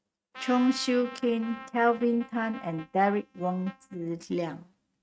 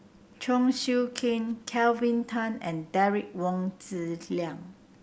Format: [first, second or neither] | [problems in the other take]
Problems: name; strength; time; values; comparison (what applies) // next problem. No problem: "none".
second | noise reduction (neural mask model RNNoise)